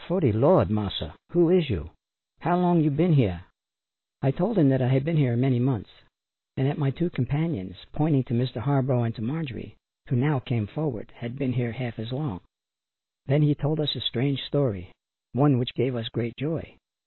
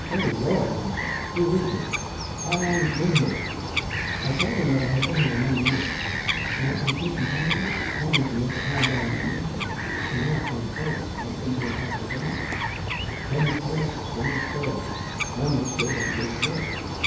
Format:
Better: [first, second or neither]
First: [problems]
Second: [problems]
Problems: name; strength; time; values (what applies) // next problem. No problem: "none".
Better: first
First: none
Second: background sound (Bird vocalization, bird call, bird song); 1 dB below the speech // room echo; dies away in 1 s